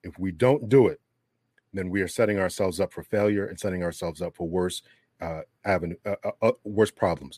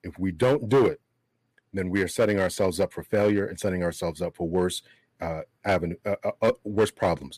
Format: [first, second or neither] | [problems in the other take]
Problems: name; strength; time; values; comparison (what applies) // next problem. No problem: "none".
first | distortion; slight; 3% of the sound clipped